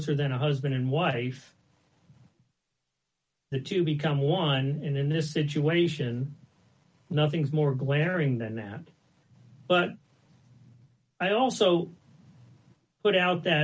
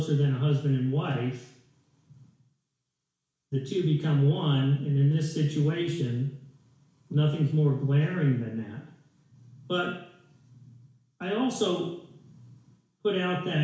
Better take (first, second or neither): first